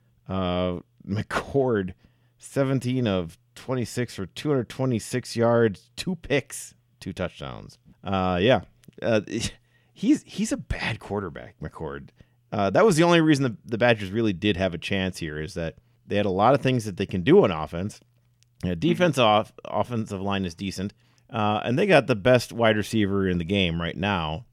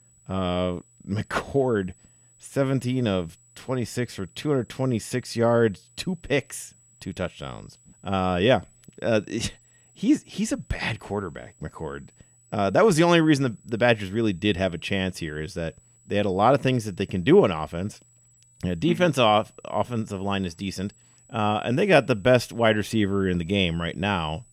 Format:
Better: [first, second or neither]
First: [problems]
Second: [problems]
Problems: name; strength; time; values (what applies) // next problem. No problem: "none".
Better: first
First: none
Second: high-pitched whine; faint; throughout; 8 kHz, 30 dB below the speech